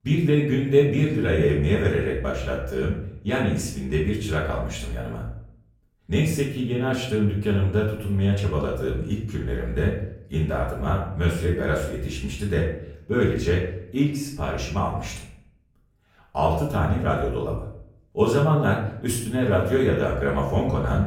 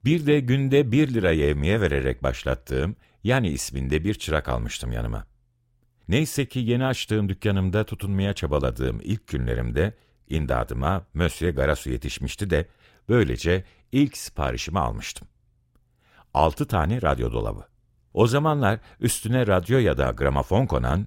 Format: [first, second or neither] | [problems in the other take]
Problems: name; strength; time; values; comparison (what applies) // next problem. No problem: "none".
second | off-mic speech; far // room echo; noticeable; dies away in 0.6 s